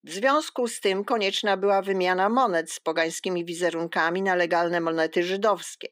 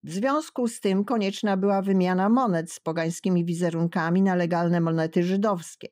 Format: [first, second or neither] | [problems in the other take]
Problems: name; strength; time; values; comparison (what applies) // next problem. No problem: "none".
second | thin; somewhat; fading below 350 Hz